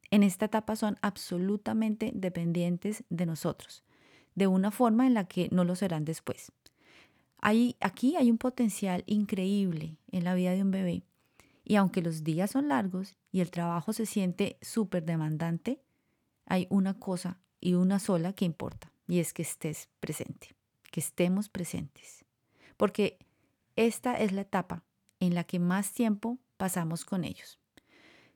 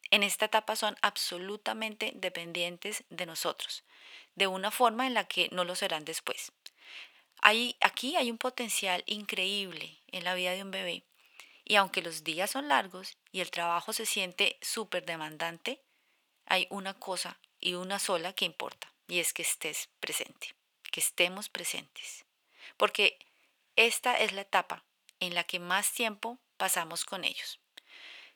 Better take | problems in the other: first | thin; very; fading below 700 Hz

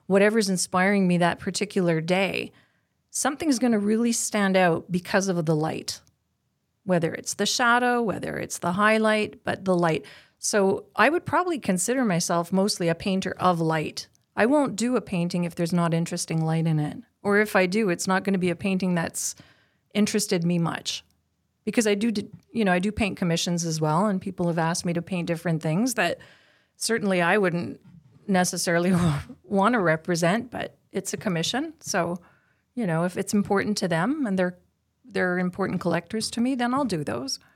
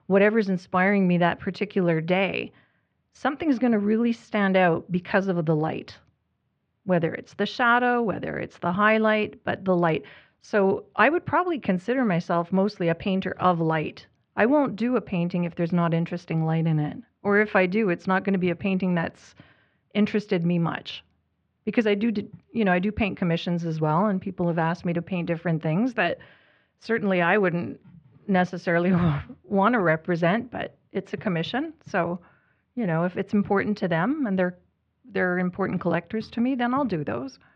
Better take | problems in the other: first | muffled; very; fading above 3 kHz

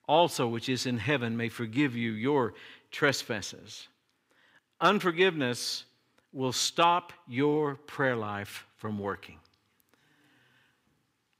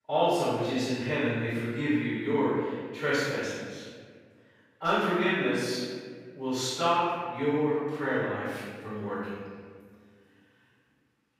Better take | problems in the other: first | room echo; strong; dies away in 1.6 s // off-mic speech; far

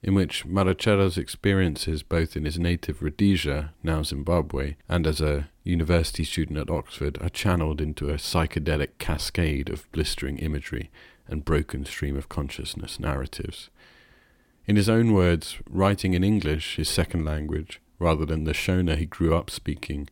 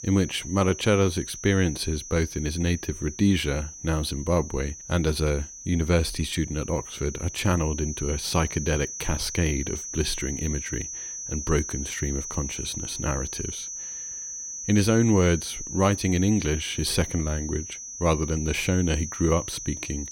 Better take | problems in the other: first | high-pitched whine; loud; throughout; 6 kHz, 8 dB below the speech

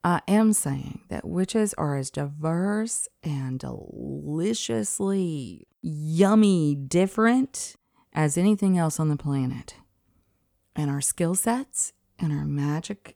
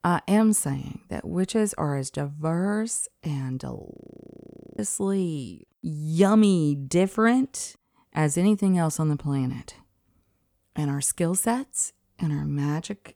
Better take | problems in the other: first | audio freezing; at 4 s for 1 s

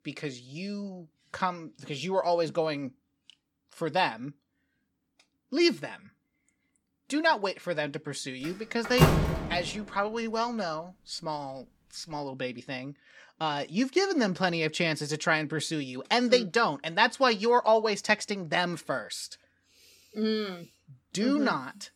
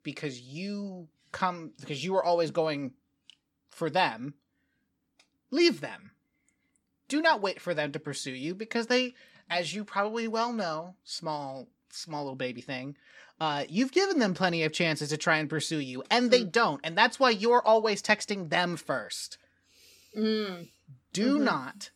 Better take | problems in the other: second | door banging; loud; at 9 s; peak 6 dB above the speech

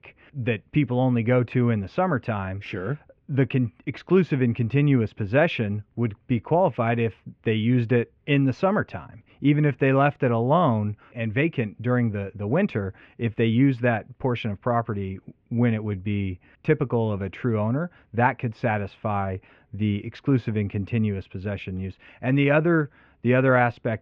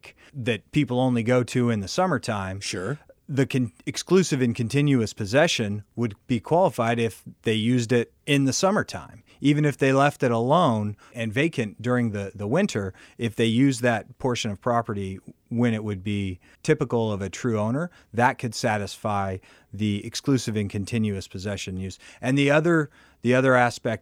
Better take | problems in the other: second | muffled; very; fading above 2.5 kHz

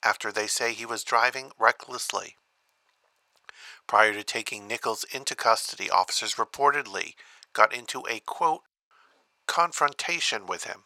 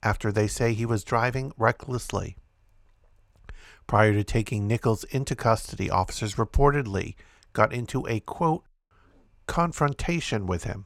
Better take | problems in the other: second | thin; very; fading below 800 Hz

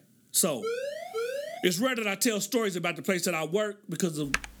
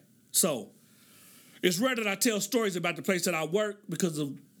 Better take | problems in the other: second | siren; noticeable; from 0.5 to 1.5 s; peak 5 dB below the speech // keyboard typing; very faint; at 4.5 s; peak 4 dB below the speech

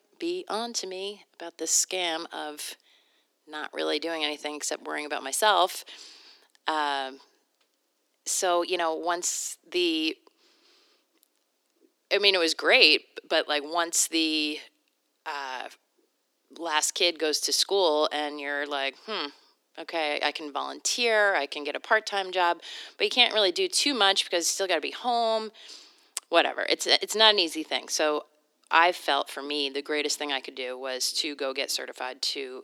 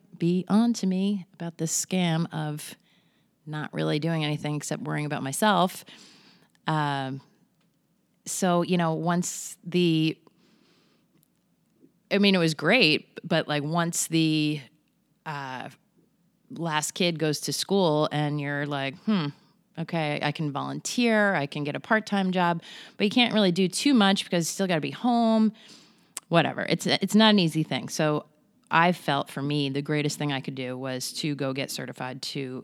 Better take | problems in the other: second | thin; very; fading below 350 Hz

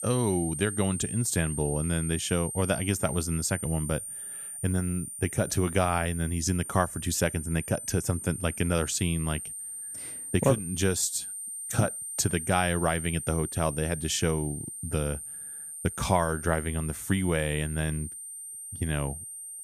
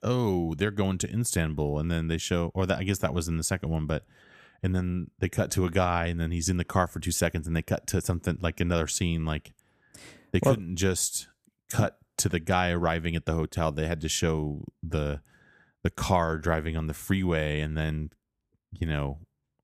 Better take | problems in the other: second | high-pitched whine; loud; throughout; 9 kHz, 7 dB below the speech

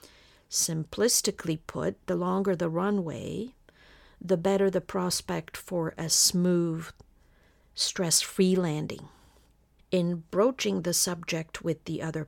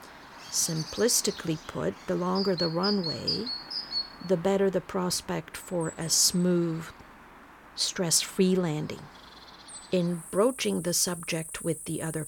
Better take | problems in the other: first | animal sounds; loud; throughout; 9 dB below the speech

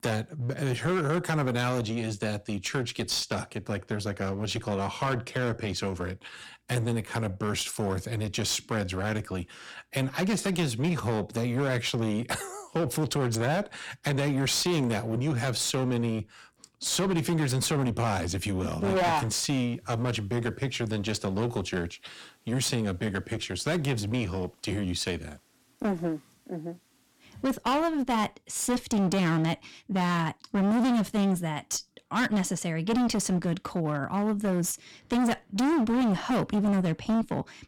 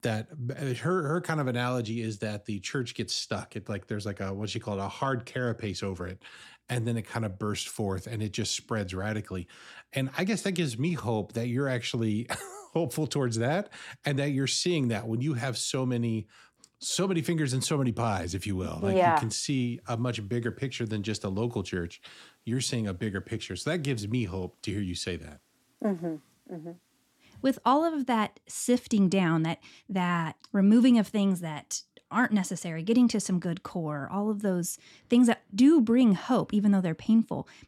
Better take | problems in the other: second | distortion; heavy; 18% of the sound clipped

